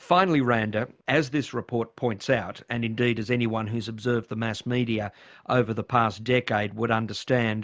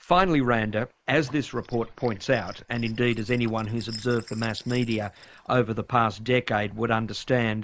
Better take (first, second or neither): first